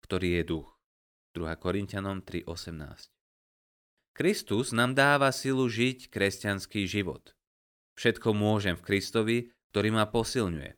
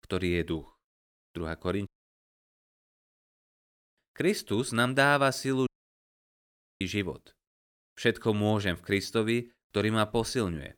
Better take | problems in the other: first | audio cutting out; at 2 s for 1.5 s and at 5.5 s for 1 s

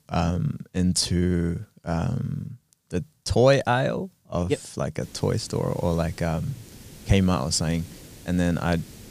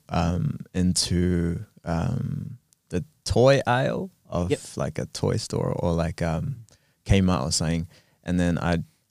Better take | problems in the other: second | hiss; faint; from 5 s on; 20 dB below the speech

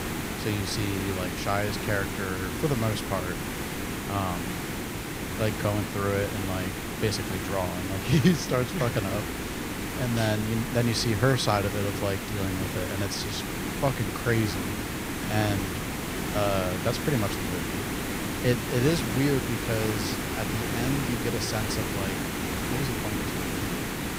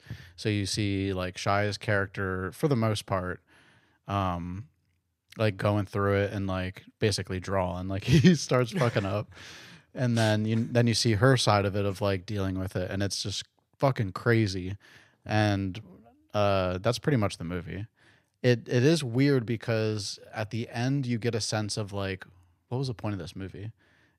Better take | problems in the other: second | hiss; loud; throughout; 2 dB below the speech

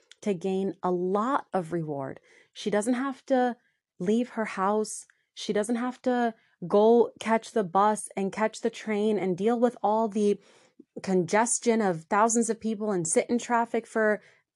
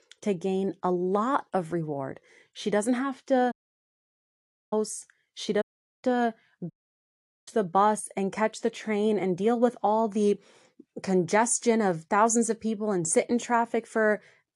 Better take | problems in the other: first | audio cutting out; at 3.5 s for 1 s, at 5.5 s and at 6.5 s for 1 s

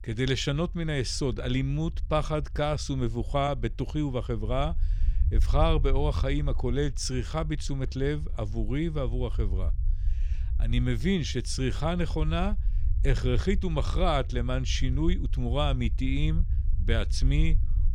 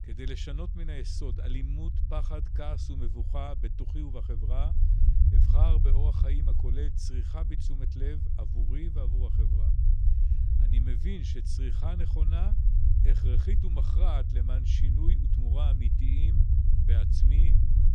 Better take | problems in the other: first | low rumble; loud; throughout; 1 dB below the speech; faint in the first

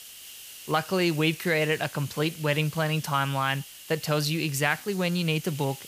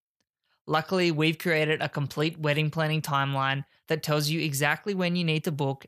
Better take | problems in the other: second | hiss; noticeable; throughout; 15 dB below the speech

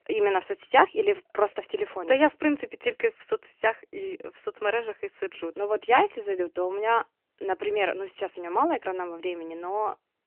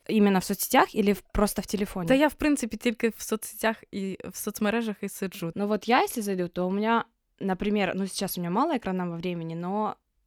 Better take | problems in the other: second | phone-call audio; nothing above 3 kHz

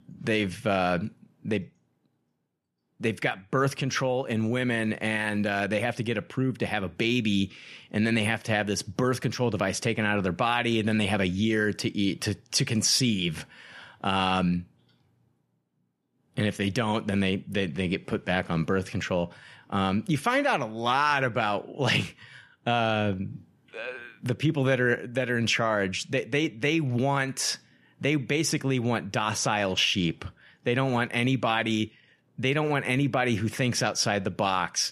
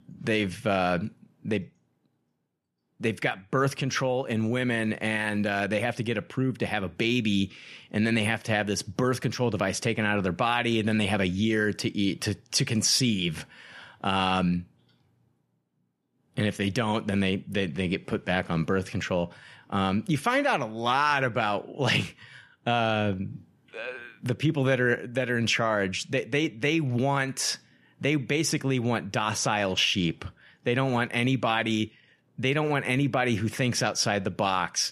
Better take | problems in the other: neither | none

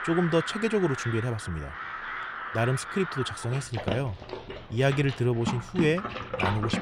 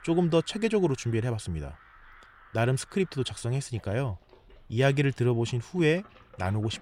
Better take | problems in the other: second | animal sounds; loud; throughout; 6 dB below the speech; faint in the second

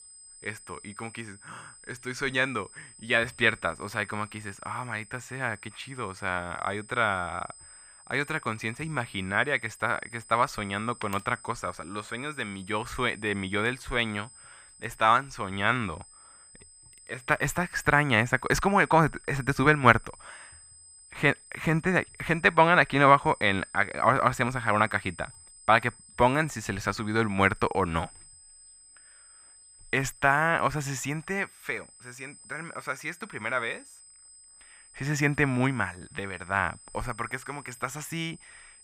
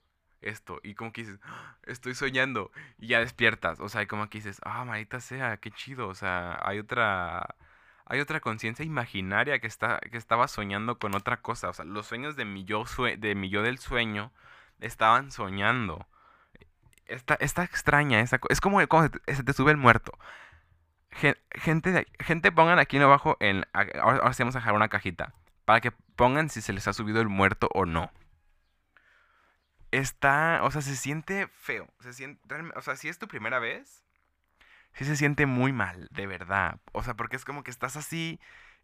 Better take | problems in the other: second | high-pitched whine; faint; throughout; 8 kHz, 20 dB below the speech

